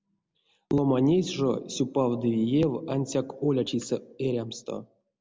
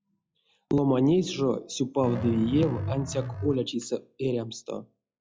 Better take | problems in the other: first | noise reduction (classical method log-MMSE)

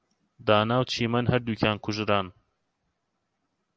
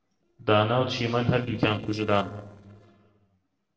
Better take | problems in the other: first | noise reduction (neural separator model SepFormer DNS4)

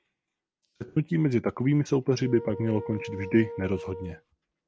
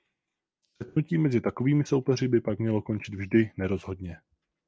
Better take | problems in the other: second | background sound (Wind instrument, woodwind instrument); 12 dB below the speech

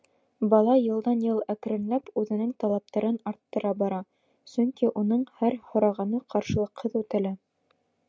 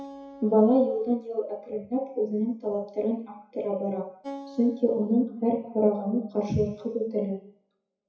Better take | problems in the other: first | noise reduction (classical method WPE with log-MMSE)

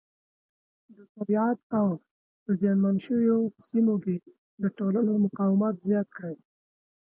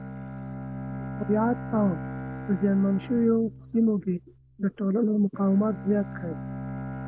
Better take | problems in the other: first | background sound (Bowed string instrument); 10 dB below the speech

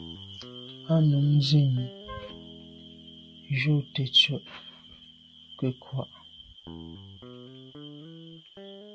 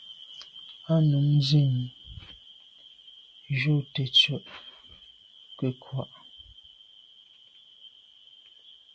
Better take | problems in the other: second | background sound (Wind instrument, woodwind instrument + Guitar); 18 dB below the speech

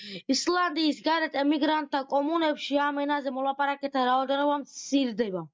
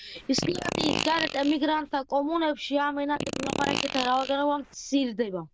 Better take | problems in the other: first | noise reduction (neural diffusion model UNIVERSE++)

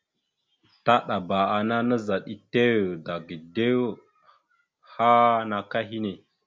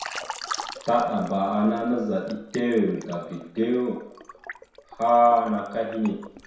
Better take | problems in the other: first | background sound (Liquid); 15 dB below the speech // room echo; dies away in 0.7 s

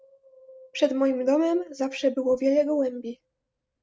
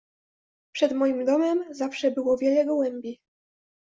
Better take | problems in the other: second | noise reduction (neural mask model RNNoise)

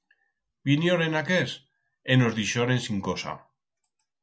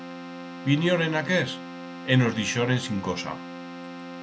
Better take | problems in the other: first | background sound (Keyboard (musical)); 11 dB below the speech

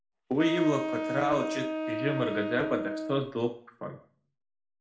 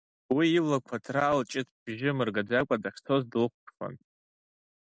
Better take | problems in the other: second | background sound (Wind instrument, woodwind instrument); 3 dB below the speech // room echo; dies away in 0.4 s

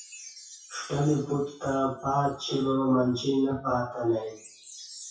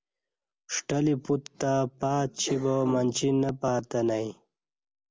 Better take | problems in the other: second | noise reduction (classical method WPE with log-MMSE)

